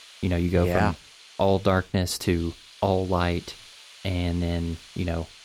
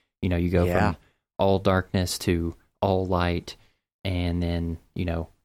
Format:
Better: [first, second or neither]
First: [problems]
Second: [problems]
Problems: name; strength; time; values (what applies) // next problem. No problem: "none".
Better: second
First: hiss; noticeable; throughout; 20 dB below the speech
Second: none